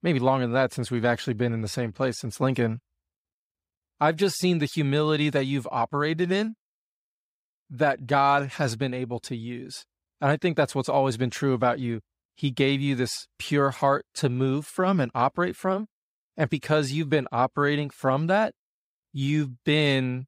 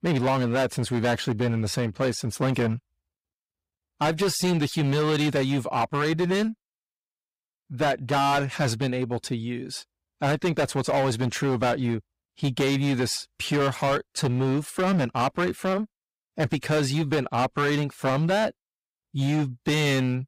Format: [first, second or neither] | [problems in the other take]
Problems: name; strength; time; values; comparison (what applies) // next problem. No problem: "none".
first | distortion; heavy; 14% of the sound clipped